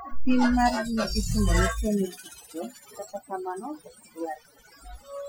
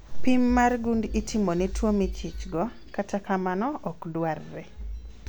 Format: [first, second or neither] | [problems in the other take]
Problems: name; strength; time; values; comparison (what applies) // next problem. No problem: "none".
second | noise reduction (classical method Wiener filter)